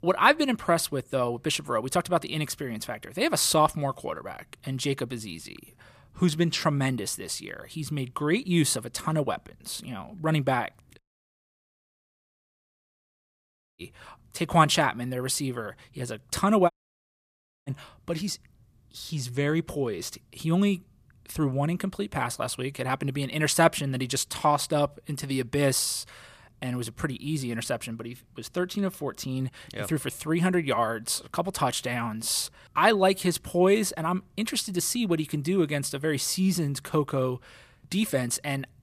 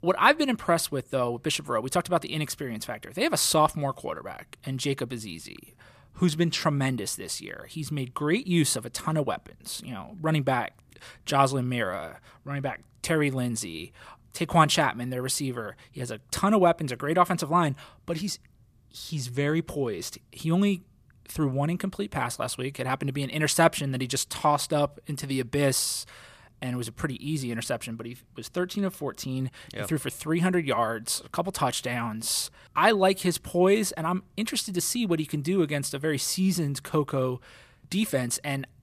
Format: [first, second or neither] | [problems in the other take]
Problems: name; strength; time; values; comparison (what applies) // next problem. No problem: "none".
second | audio cutting out; at 11 s for 3 s and at 17 s for 1 s